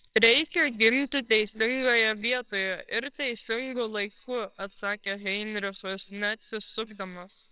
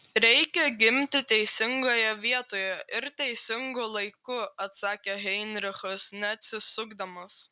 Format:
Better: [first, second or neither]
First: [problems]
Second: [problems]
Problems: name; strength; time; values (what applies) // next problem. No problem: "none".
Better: second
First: noise reduction (neural separator model SepFormer WHAMR!)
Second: none